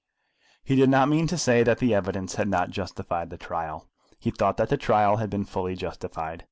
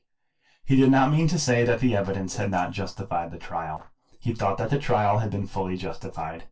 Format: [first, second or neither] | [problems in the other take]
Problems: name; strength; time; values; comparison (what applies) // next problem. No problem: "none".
first | noise reduction (neural separator model SepFormer DNS4)